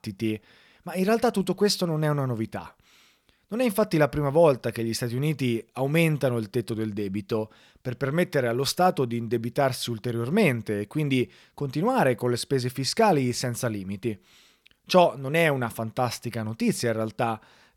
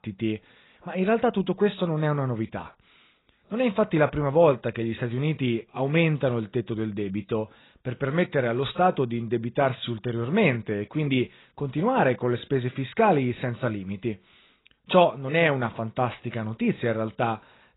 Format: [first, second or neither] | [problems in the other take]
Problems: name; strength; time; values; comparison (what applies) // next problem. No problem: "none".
first | garbled, watery; badly; nothing above 4 kHz